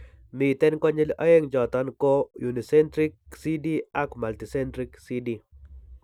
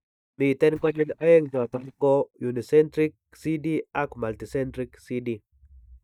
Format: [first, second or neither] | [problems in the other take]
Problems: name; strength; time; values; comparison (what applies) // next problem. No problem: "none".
first | noise reduction (neural mask model DeepFilterNet 3)